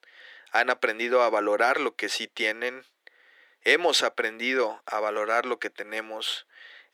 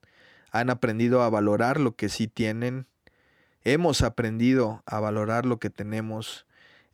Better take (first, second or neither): second